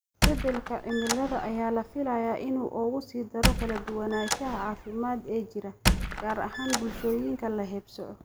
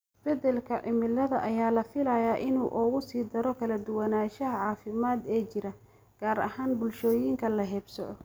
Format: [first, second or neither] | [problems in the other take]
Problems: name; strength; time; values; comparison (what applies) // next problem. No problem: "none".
second | background sound (Squeak); as loud as the speech